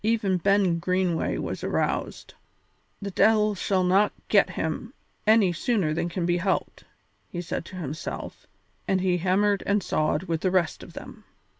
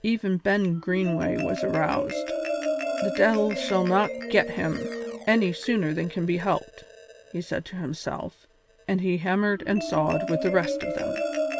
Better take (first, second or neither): first